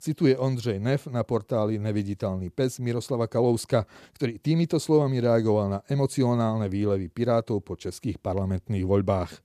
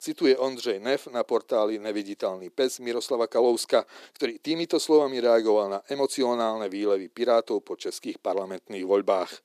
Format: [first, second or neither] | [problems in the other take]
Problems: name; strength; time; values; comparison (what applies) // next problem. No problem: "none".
first | thin; somewhat; fading below 300 Hz